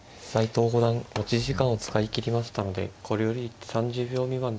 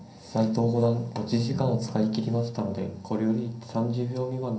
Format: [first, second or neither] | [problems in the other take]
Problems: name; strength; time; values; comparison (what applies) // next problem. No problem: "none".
first | room echo; dies away in 0.6 s